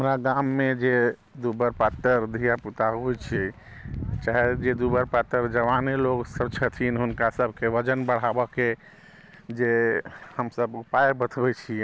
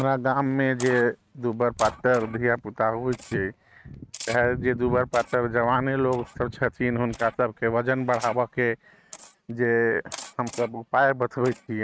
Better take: first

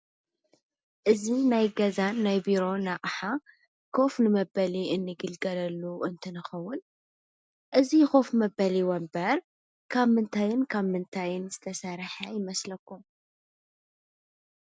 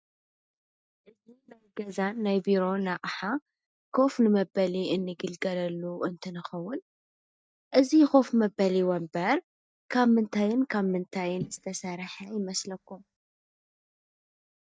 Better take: first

